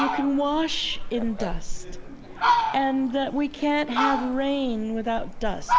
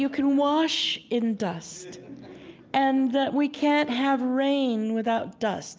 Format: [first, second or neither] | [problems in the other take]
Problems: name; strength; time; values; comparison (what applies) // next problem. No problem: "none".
second | background sound (Fowl); 1 dB below the speech